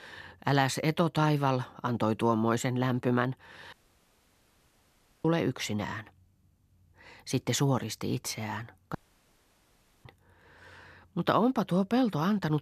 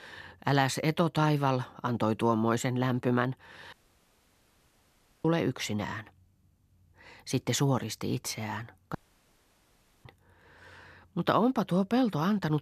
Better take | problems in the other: neither | audio cutting out; at 3.5 s for 1.5 s and at 9 s for 1 s; the same in both

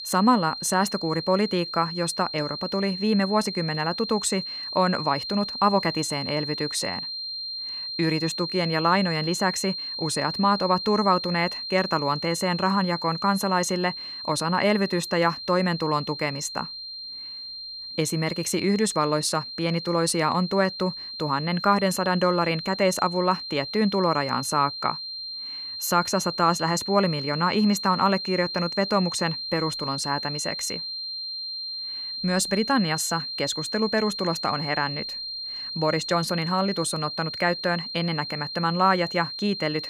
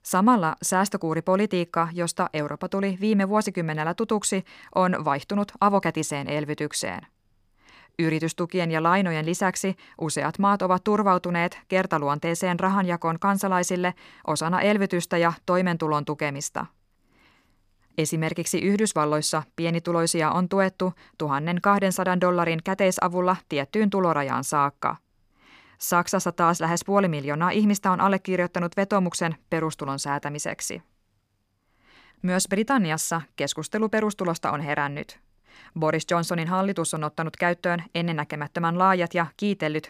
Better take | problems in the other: second | high-pitched whine; loud; throughout; 4 kHz, 6 dB below the speech

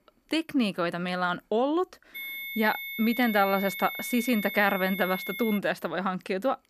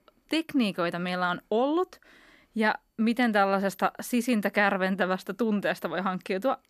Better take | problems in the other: second | high-pitched whine; loud; from 2 to 5.5 s; 2 kHz, 7 dB below the speech

